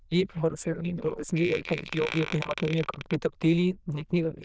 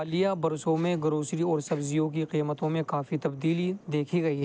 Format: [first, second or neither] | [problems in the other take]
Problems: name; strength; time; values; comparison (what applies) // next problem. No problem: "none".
second | noise reduction (neural diffusion model UNIVERSE++)